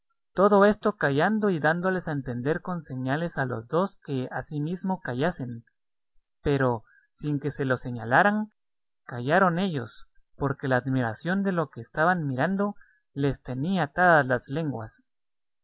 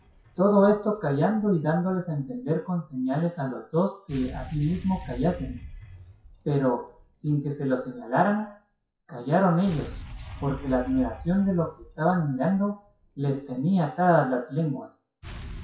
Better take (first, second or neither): first